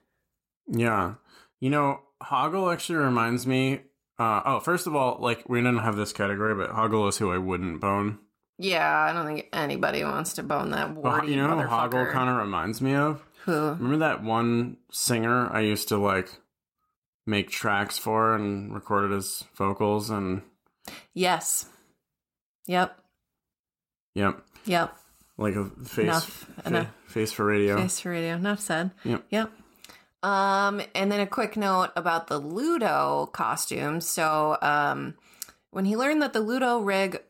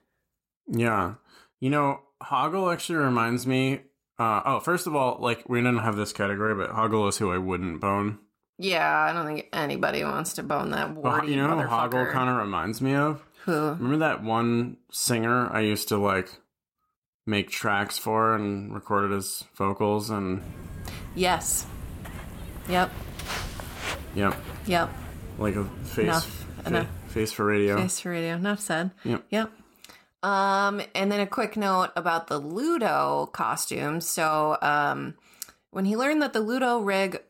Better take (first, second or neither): first